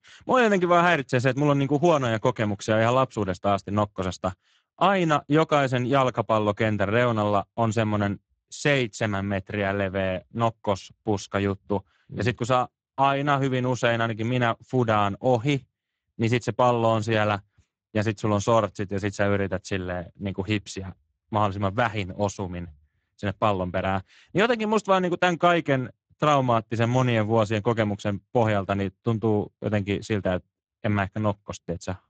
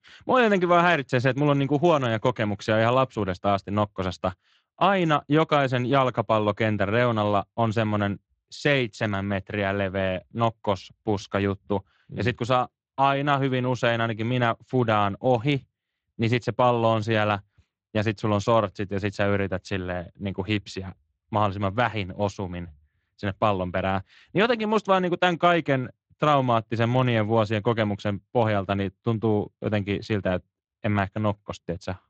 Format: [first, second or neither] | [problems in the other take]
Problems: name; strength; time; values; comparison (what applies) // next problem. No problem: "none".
second | garbled, watery; badly; nothing above 7.5 kHz; slightly in the second